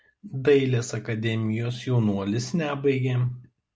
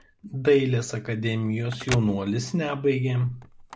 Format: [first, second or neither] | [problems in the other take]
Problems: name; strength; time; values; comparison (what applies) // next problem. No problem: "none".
first | background sound (Telephone); 16 dB below the speech